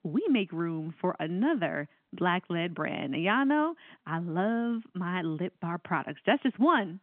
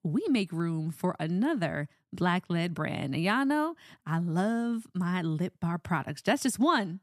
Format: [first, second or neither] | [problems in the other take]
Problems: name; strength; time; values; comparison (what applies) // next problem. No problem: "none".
second | phone-call audio; nothing above 3.5 kHz